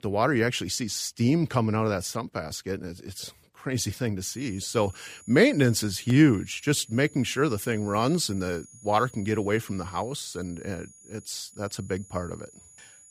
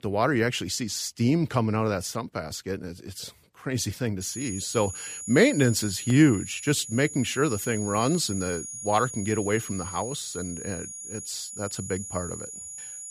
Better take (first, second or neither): first